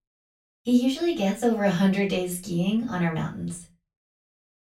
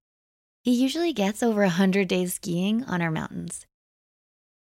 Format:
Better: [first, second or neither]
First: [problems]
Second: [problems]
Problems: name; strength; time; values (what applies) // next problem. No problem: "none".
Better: second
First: off-mic speech; far // room echo; very slight; dies away in 0.2 s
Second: none